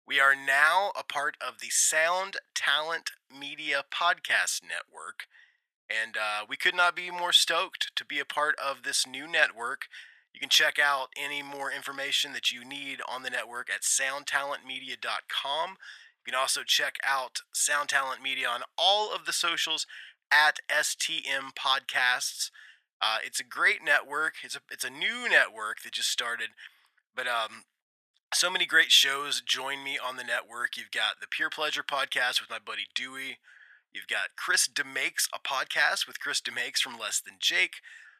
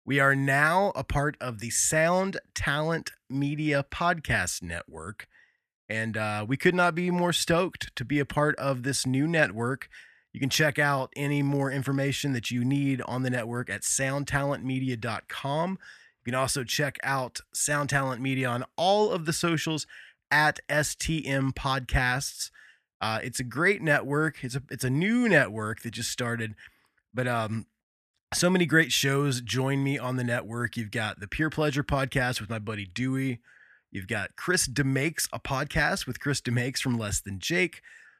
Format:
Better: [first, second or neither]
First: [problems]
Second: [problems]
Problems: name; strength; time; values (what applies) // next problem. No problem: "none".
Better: second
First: thin; very; fading below 950 Hz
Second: none